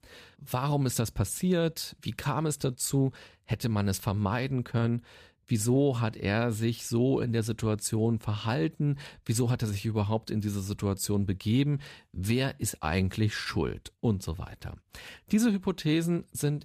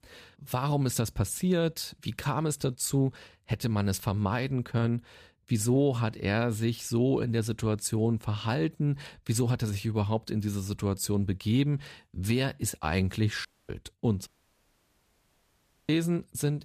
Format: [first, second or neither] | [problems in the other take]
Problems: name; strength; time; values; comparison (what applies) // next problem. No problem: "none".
first | audio cutting out; at 13 s and at 14 s for 1.5 s